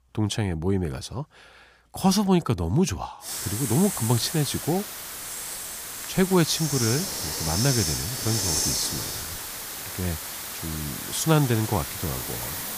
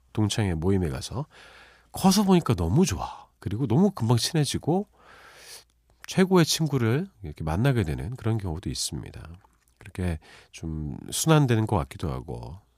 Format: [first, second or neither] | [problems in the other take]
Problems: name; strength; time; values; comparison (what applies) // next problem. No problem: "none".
second | hiss; loud; from 3.5 s on; 3 dB below the speech